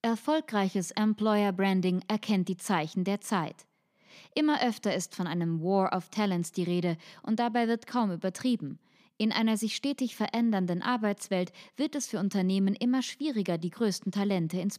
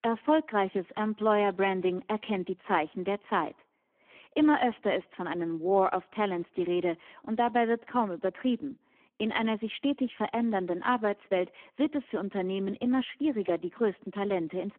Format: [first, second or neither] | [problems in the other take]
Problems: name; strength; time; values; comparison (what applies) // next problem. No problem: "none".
first | phone-call audio; poor line